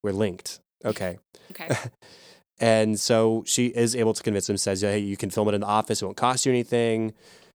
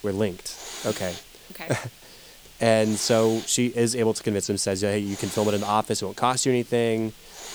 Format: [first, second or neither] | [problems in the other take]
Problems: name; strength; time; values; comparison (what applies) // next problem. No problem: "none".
first | hiss; noticeable; throughout; 15 dB below the speech